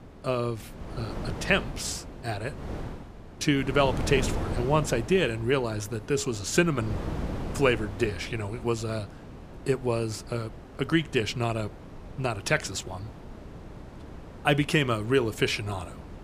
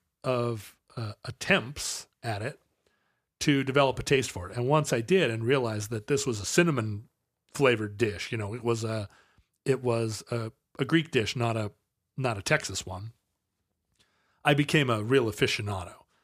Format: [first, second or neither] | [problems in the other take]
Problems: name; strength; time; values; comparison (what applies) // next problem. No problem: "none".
second | wind noise on the microphone; occasional gusts; 15 dB below the speech